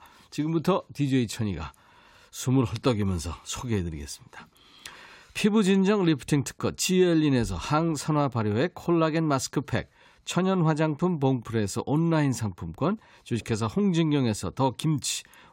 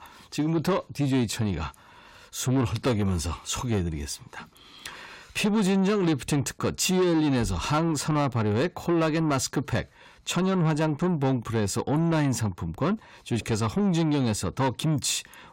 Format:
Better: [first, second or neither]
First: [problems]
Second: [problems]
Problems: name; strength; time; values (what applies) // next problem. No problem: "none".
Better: first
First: none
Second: distortion; slight; 10 dB below the speech